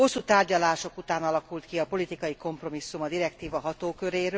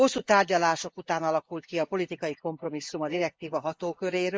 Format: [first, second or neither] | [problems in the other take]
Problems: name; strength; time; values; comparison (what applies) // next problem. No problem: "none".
first | noise reduction (neural mask model Resemble Enhance denoiser)